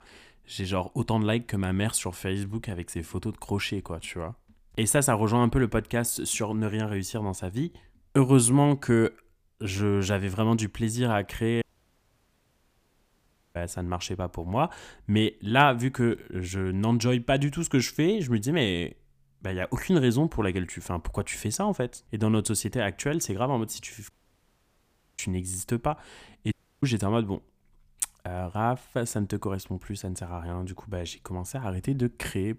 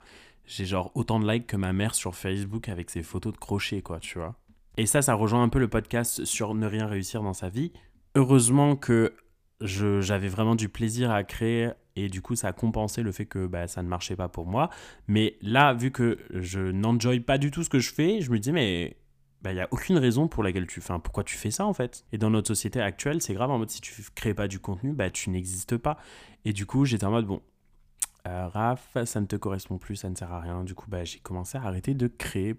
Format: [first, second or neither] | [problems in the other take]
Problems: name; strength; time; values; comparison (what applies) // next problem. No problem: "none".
second | audio cutting out; at 12 s for 2 s, at 24 s for 1 s and at 27 s